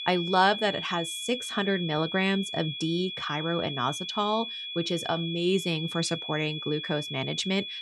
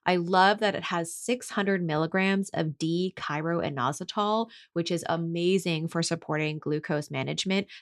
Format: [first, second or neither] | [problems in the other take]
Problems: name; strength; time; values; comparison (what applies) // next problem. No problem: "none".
second | high-pitched whine; loud; throughout; 3.5 kHz, 6 dB below the speech